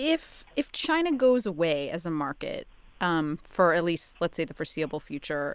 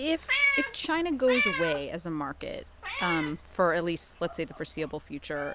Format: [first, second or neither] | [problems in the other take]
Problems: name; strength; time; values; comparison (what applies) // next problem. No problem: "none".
first | background sound (Meow); 3 dB below the speech